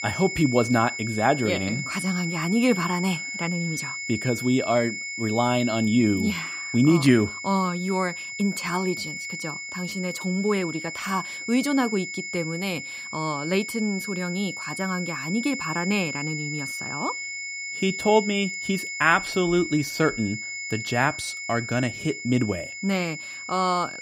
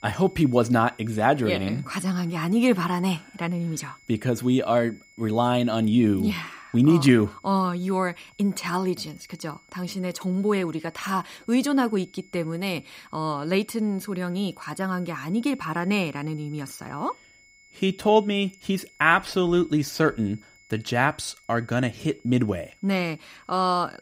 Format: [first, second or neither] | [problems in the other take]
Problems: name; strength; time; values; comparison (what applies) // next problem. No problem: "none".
second | high-pitched whine; loud; throughout; 2 kHz, 6 dB below the speech; faint in the second